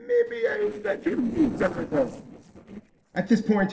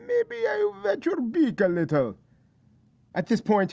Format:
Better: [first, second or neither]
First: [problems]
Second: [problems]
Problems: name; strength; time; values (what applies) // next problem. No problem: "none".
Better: second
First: noise reduction (neural separator model SepFormer DNS4)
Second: none